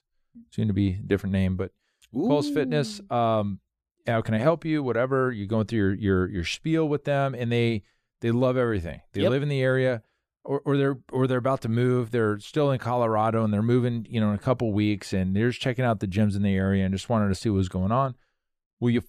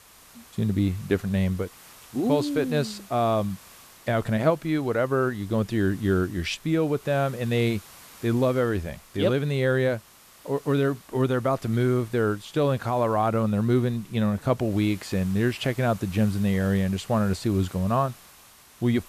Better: first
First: none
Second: hiss; faint; throughout; 20 dB below the speech

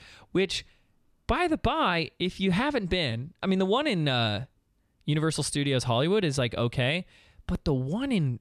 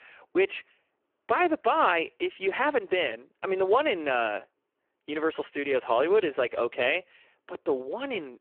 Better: first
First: none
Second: phone-call audio; poor line

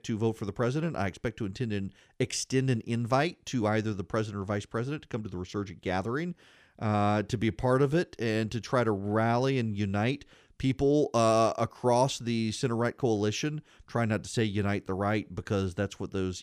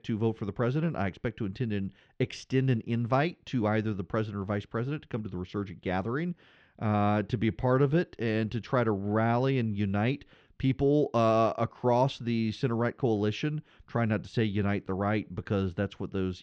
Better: first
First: none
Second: muffled; slightly; fading above 4 kHz

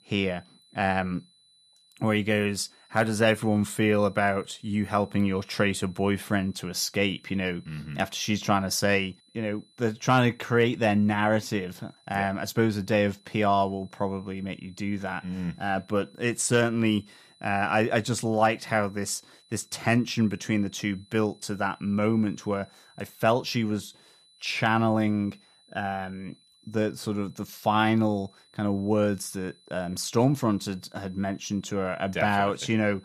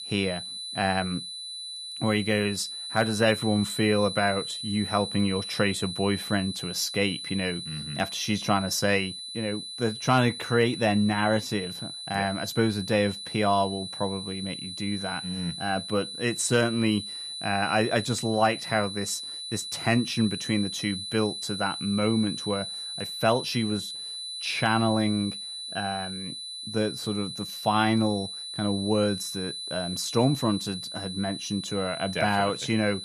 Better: first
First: high-pitched whine; faint; throughout; 4 kHz, 30 dB below the speech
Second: high-pitched whine; loud; throughout; 4 kHz, 7 dB below the speech

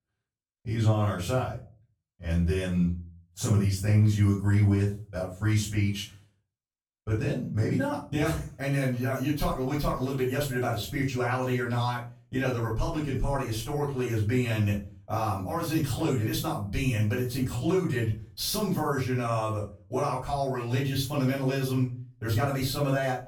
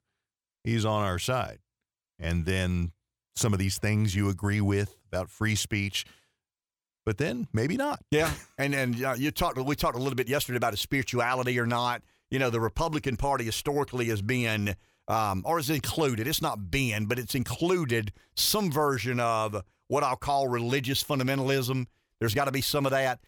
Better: second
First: off-mic speech; far // room echo; noticeable; dies away in 0.4 s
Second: none

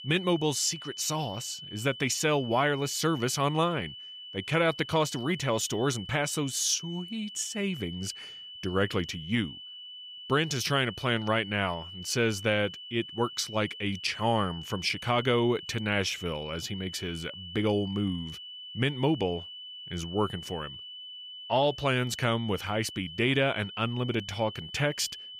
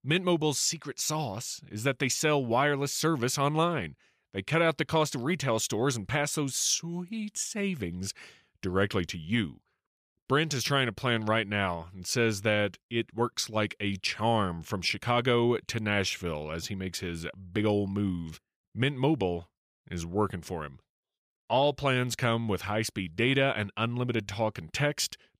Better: second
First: high-pitched whine; noticeable; throughout; 3 kHz, 10 dB below the speech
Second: none

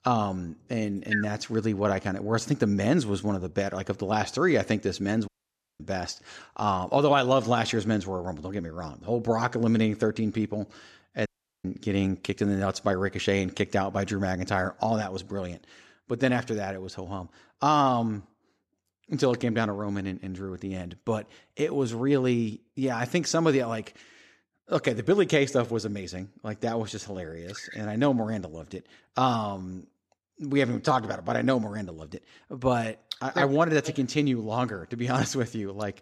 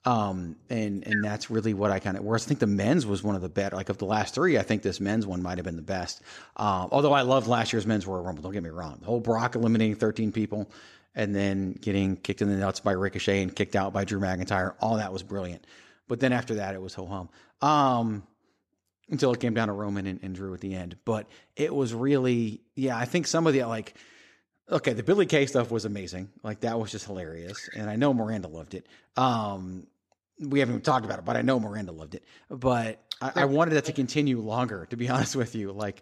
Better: second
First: audio cutting out; at 5.5 s for 0.5 s and at 11 s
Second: none

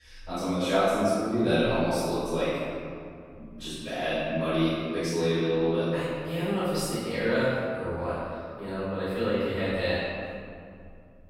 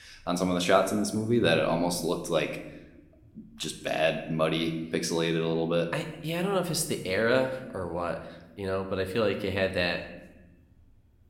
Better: second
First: room echo; strong; dies away in 2.1 s // off-mic speech; far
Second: room echo; slight; dies away in 0.8 s

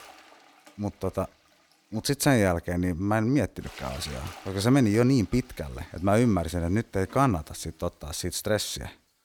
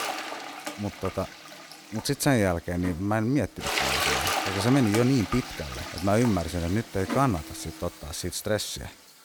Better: first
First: household noises; faint; throughout; 20 dB below the speech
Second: household noises; loud; throughout; 4 dB below the speech

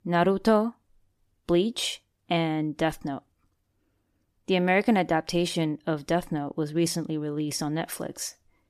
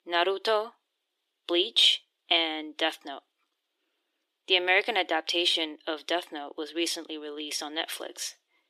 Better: first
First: none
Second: thin; very; fading below 350 Hz

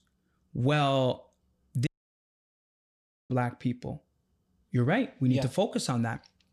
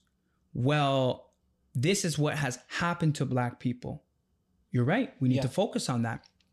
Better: second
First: audio cutting out; at 2 s for 1.5 s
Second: none

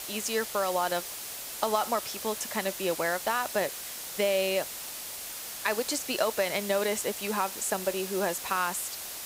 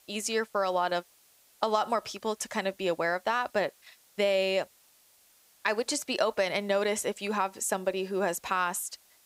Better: second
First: hiss; loud; throughout; 6 dB below the speech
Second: hiss; faint; throughout; 30 dB below the speech

